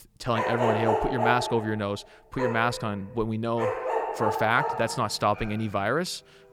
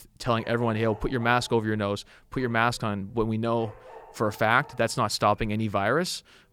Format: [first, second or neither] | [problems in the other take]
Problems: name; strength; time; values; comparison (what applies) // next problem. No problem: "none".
second | animal sounds; loud; throughout; 1 dB below the speech; faint in the second